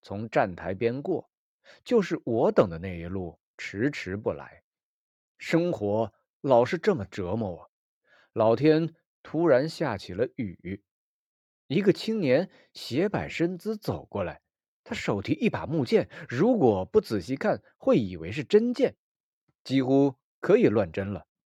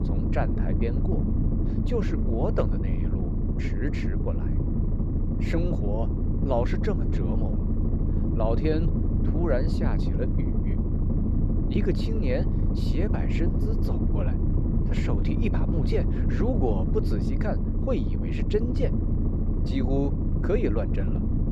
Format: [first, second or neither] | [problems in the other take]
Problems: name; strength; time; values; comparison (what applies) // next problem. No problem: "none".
first | low rumble; loud; throughout; 3 dB below the speech